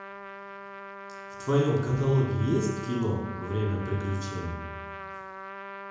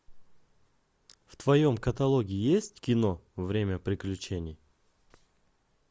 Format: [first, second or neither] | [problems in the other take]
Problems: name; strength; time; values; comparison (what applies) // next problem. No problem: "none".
second | background sound (Trumpet); 11 dB below the speech // room echo; dies away in 0.8 s